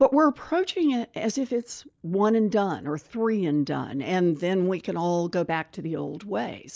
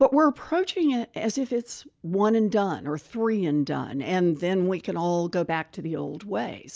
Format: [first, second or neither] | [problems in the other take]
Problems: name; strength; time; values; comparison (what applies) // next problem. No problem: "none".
second | noise reduction (neural mask model Resemble Enhance denoiser)